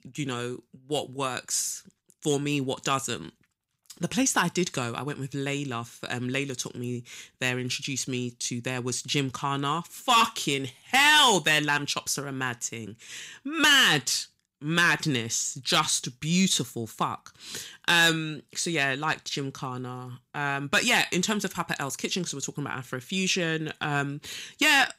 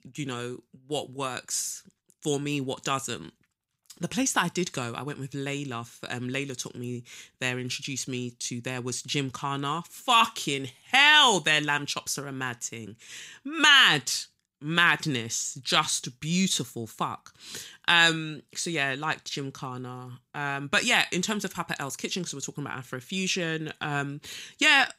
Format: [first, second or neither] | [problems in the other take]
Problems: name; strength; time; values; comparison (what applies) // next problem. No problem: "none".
second | distortion; slight; 1.4% of the sound clipped